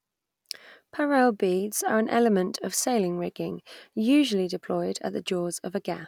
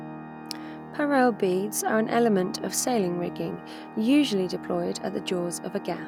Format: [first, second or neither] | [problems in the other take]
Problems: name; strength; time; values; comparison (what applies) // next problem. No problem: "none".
first | background sound (Organ); 13 dB below the speech